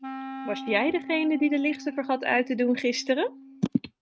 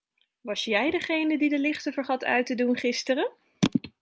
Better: second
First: noise reduction (neural mask model RNNoise)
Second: none

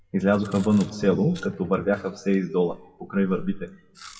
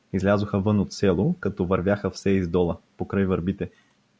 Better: second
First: noise reduction (classical method WPE with log-MMSE)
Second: none

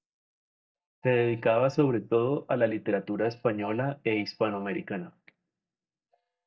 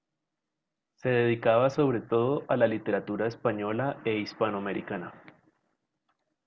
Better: second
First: noise reduction (neural mask model DeepFilterNet 3)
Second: none

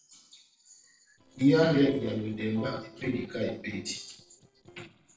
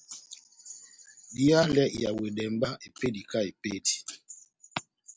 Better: second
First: noise reduction (neural separator model SepFormer DNS4)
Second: none

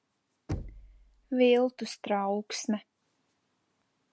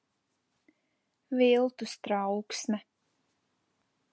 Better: second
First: background sound (Knock); 12 dB below the speech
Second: none

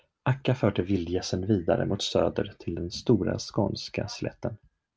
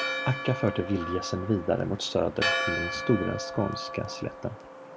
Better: first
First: none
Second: background sound (Church bell); 4 dB below the speech

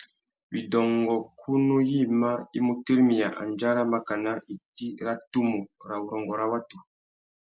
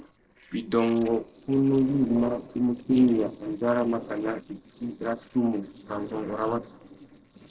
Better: first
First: none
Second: noise reduction (neural separator model SepFormer DNS4)

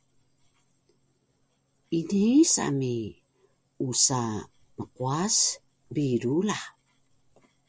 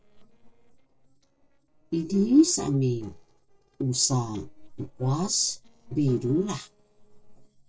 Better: first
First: none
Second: noise reduction (neural separator model SepFormer DNS4)

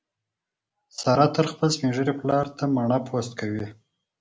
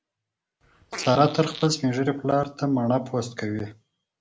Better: first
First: none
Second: background sound (Fart); 15 dB below the speech

